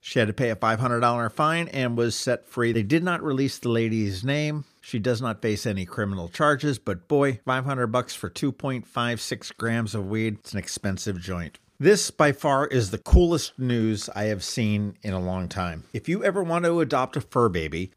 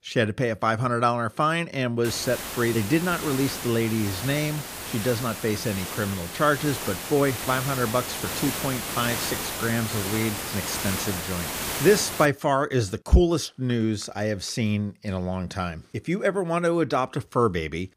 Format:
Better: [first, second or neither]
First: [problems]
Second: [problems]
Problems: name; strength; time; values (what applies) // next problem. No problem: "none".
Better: first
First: none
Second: hiss; loud; from 2 to 12 s; 5 dB below the speech